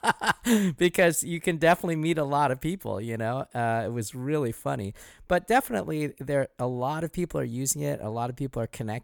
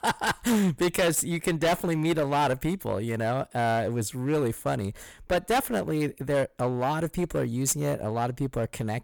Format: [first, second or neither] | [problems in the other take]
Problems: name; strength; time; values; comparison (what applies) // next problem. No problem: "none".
first | distortion; heavy; 12% of the sound clipped